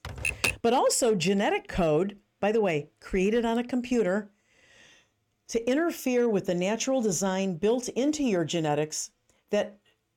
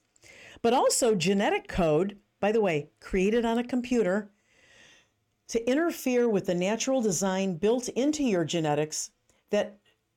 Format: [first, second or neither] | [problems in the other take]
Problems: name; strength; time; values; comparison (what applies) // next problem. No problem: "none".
second | keyboard typing; loud; at the start; peak level with the speech